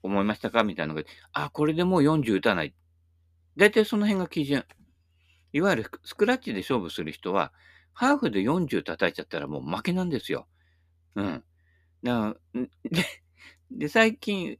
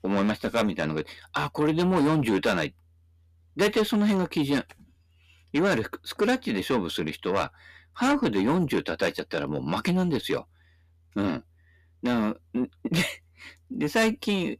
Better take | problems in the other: first | distortion; heavy; 8 dB below the speech

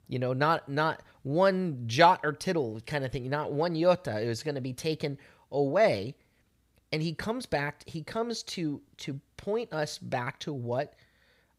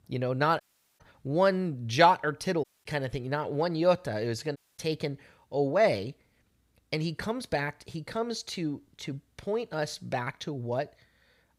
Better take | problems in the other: first | audio cutting out; at 0.5 s, at 2.5 s and at 4.5 s

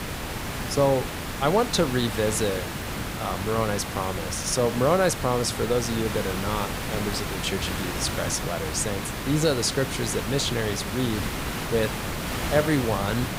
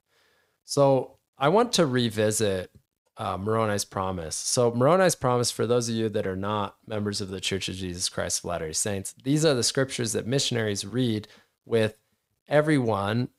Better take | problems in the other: second | hiss; loud; throughout; 4 dB below the speech

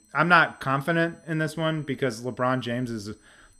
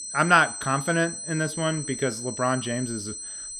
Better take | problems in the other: first | high-pitched whine; loud; throughout; 8 kHz, 8 dB below the speech; faint in the first

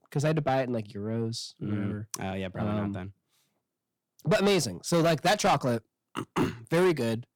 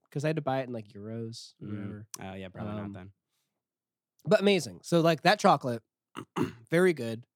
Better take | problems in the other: second | distortion; heavy; 6 dB below the speech

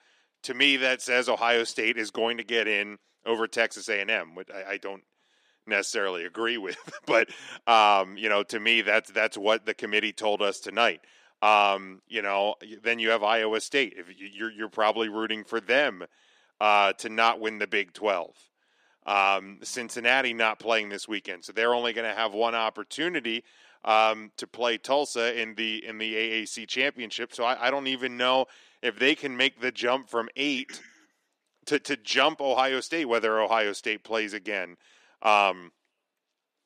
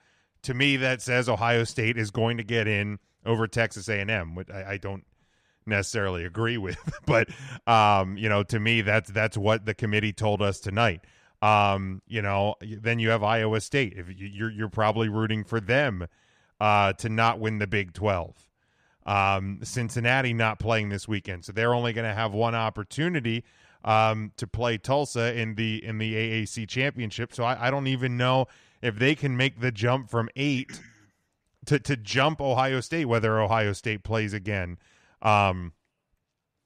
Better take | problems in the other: second | thin; somewhat; fading below 300 Hz

